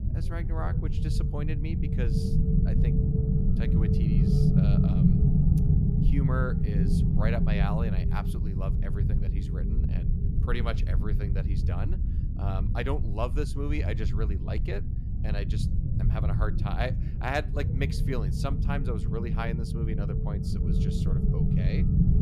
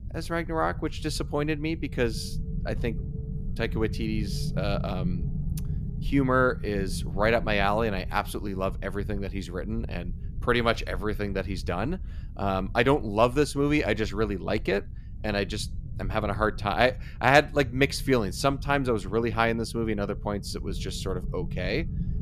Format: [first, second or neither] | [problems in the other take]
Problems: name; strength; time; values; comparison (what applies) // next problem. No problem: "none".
second | low rumble; loud; throughout; 1 dB below the speech; faint in the second